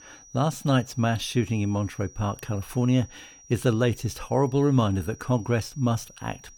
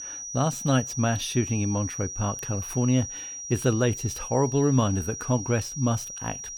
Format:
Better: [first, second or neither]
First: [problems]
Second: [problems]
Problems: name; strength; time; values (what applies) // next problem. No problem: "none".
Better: first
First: high-pitched whine; faint; throughout; 5.5 kHz, 20 dB below the speech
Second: high-pitched whine; loud; throughout; 5.5 kHz, 7 dB below the speech